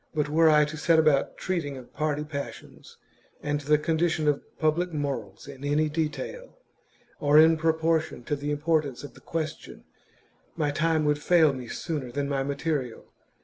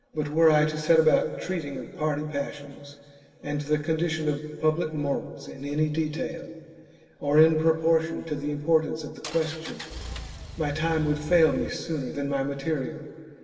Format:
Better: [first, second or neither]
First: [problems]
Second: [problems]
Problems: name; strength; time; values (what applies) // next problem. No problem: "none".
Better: first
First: none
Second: background sound (Engine); 12 dB below the speech // room echo; dies away in 2.1 s